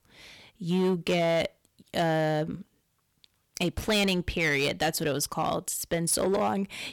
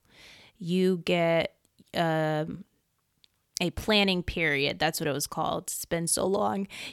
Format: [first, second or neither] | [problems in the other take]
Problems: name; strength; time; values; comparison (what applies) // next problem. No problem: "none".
second | distortion; slight; 7% of the sound clipped